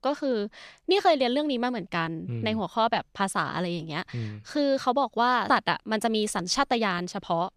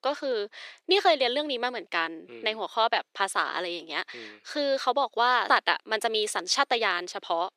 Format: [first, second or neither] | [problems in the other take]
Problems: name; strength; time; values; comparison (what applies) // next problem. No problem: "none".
first | thin; somewhat; fading below 350 Hz